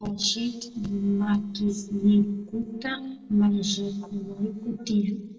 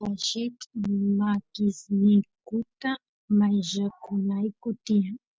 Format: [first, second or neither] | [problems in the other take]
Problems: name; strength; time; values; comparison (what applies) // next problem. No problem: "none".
second | noise reduction (neural separator model SepFormer DNS4)